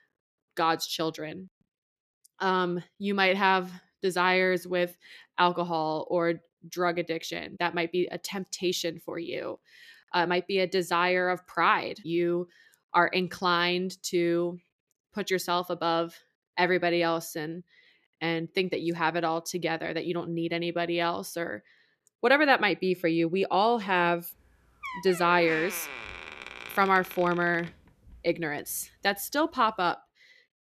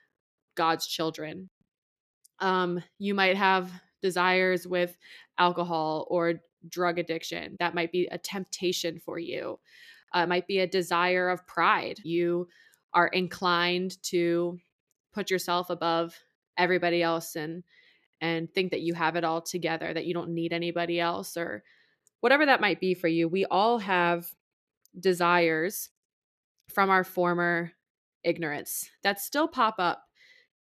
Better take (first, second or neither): second